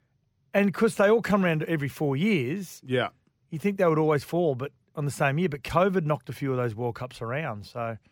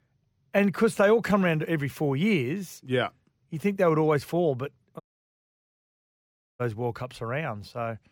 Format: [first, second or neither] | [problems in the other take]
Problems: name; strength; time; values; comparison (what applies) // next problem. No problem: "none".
first | audio cutting out; at 5 s for 1.5 s